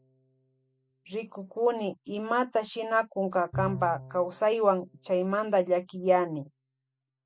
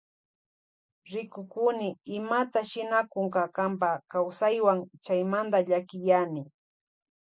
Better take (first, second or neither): second